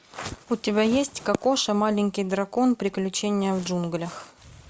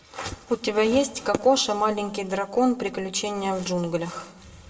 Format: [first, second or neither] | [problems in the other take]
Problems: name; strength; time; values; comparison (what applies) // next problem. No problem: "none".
first | room echo; dies away in 0.8 s